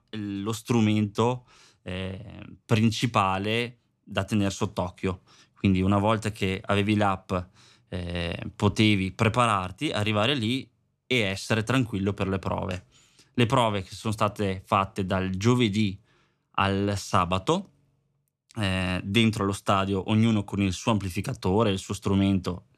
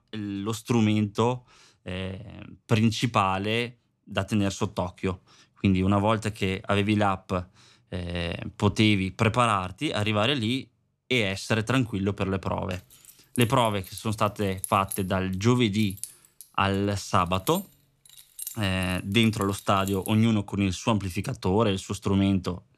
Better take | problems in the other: first | jangling keys; noticeable; from 13 to 20 s; peak 8 dB below the speech

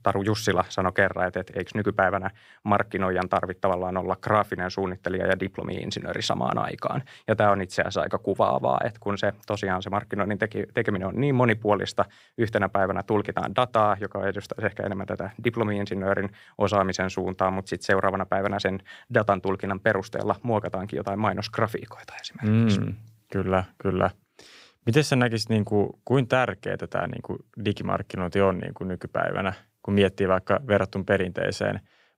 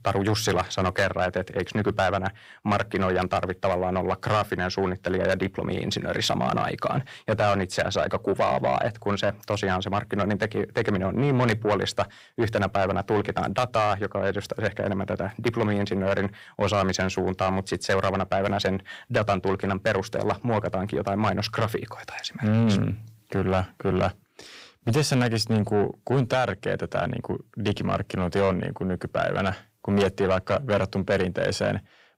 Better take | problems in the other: first | distortion; heavy; 8 dB below the speech

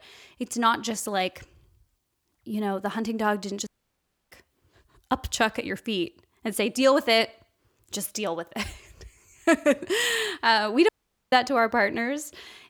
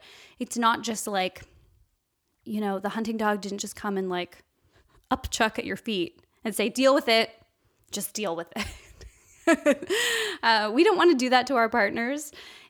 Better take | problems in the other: second | audio cutting out; at 3.5 s for 0.5 s and at 11 s

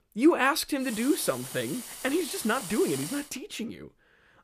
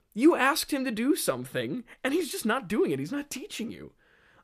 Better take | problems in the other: second | hiss; noticeable; from 1 to 3 s; 10 dB below the speech

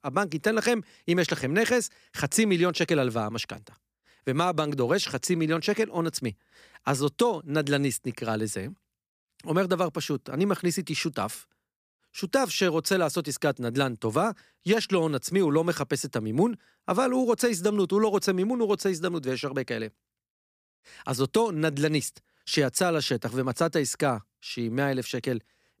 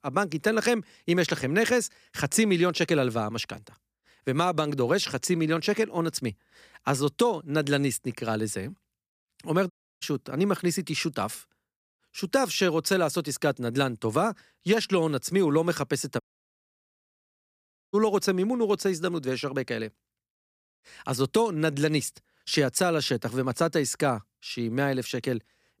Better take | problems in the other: first | audio cutting out; at 9.5 s and at 16 s for 1.5 s

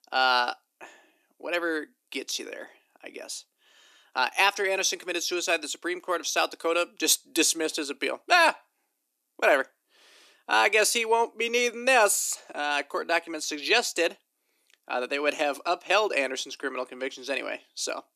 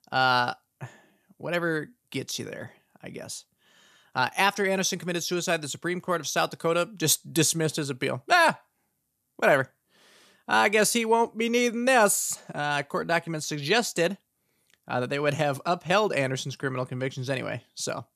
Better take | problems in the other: second | thin; somewhat; fading below 300 Hz

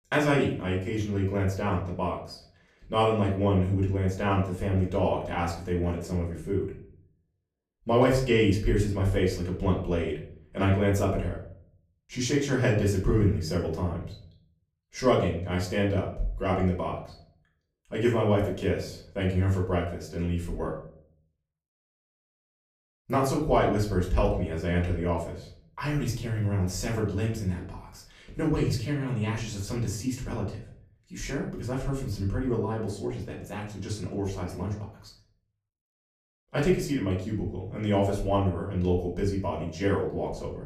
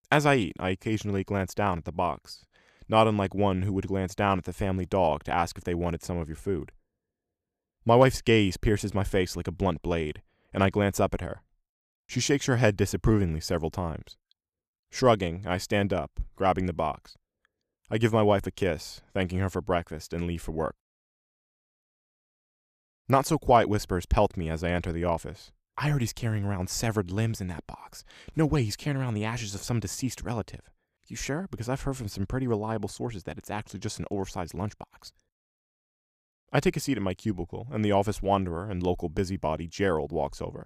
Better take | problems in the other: second | off-mic speech; far // room echo; slight; dies away in 0.5 s

